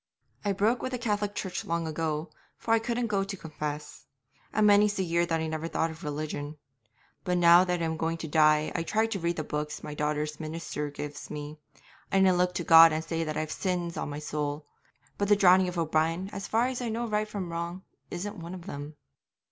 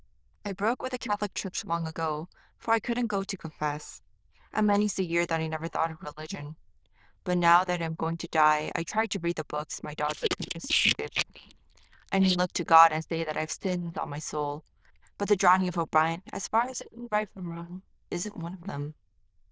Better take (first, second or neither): first